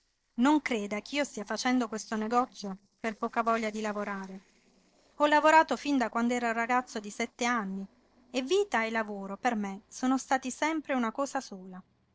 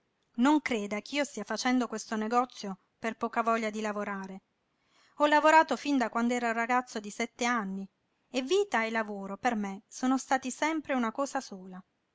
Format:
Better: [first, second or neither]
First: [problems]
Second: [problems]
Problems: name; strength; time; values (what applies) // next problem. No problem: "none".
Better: second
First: noise reduction (neural separator model SepFormer DNS4)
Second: none